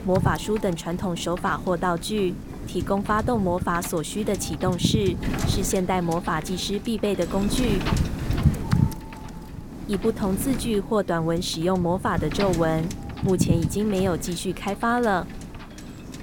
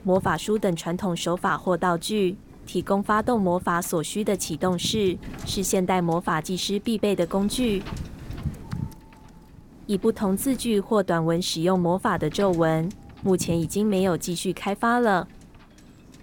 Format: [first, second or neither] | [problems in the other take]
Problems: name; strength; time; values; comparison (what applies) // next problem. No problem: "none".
second | wind noise on the microphone; heavy; 10 dB below the speech; occasional gusts in the second